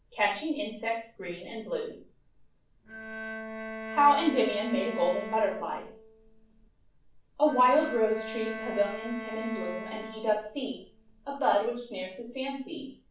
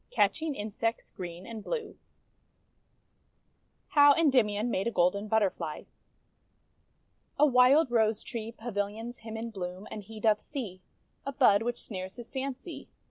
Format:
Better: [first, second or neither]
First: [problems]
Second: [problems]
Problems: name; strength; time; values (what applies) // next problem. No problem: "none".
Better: second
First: background sound (Bowed string instrument); 9 dB below the speech // room echo; dies away in 0.3 s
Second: none